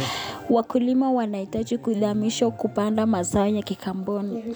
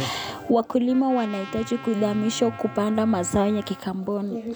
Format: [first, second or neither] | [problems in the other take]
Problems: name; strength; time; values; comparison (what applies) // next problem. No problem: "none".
first | background sound (Trumpet); 18 dB below the speech